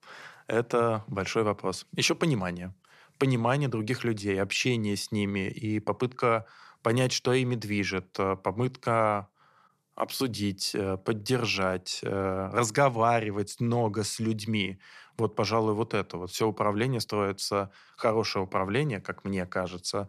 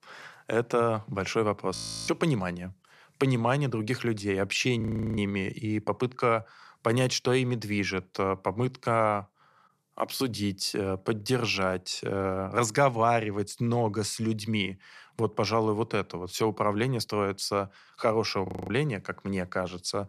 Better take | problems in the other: first | audio freezing; at 2 s, at 5 s and at 18 s

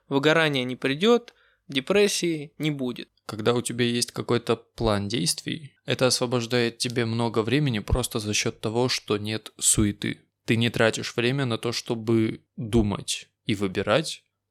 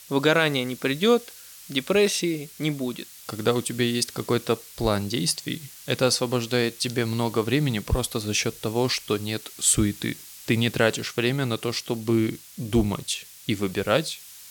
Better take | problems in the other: first | hiss; noticeable; throughout; 15 dB below the speech

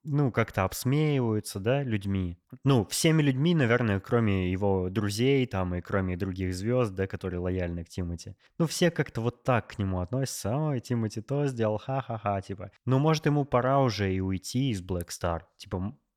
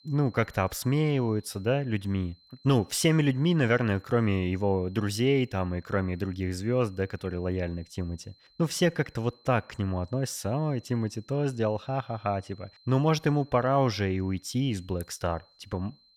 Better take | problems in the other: first | high-pitched whine; faint; throughout; 4 kHz, 30 dB below the speech

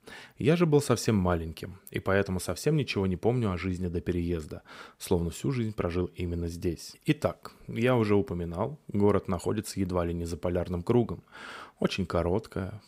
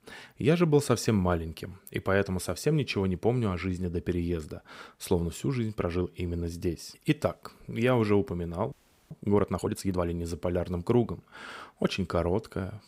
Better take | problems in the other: first | audio freezing; at 8.5 s

